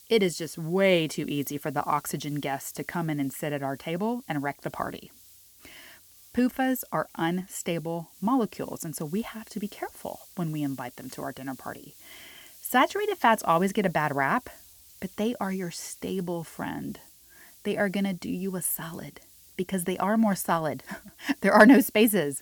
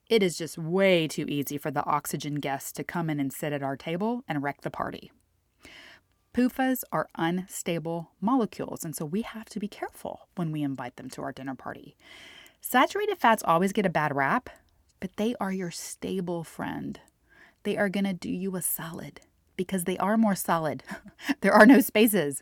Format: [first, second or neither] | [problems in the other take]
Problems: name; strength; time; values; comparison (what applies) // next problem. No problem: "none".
second | hiss; faint; throughout; 25 dB below the speech